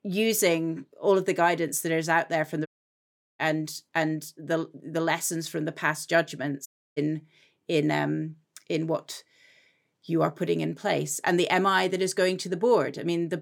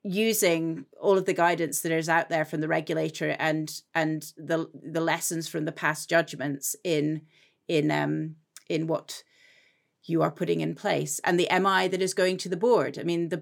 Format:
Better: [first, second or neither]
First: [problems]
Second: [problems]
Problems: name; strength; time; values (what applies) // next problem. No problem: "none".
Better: second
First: audio cutting out; at 2.5 s for 0.5 s and at 6.5 s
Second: none